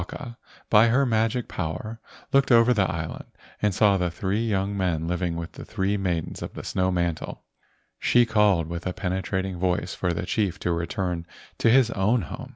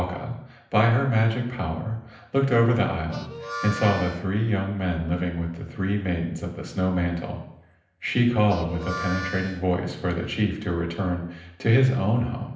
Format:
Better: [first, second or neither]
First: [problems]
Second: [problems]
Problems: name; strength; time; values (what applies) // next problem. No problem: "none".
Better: first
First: none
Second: background sound (Harmonica); 12 dB below the speech // room echo; dies away in 0.8 s